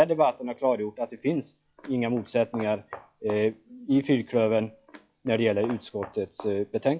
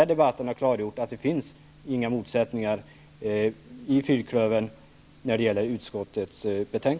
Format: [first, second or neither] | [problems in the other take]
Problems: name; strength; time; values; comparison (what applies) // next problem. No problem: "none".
second | noise reduction (classical method log-MMSE)